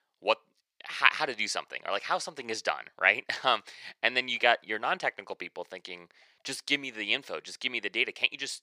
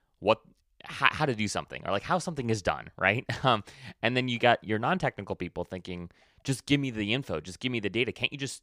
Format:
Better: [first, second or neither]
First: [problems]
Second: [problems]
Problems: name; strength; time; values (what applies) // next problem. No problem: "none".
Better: second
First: thin; somewhat; fading below 450 Hz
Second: none